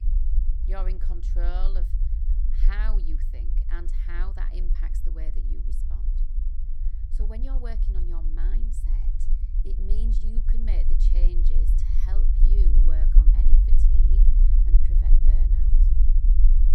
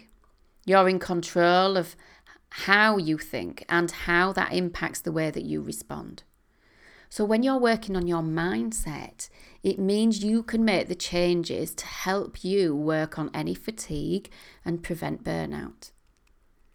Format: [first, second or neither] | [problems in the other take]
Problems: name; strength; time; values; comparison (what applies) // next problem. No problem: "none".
second | low rumble; loud; throughout; 3 dB below the speech